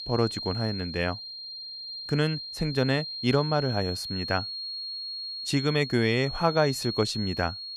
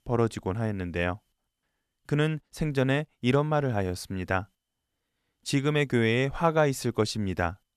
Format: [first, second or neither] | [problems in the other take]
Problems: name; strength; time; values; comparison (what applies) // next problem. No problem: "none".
second | high-pitched whine; loud; throughout; 4.5 kHz, 6 dB below the speech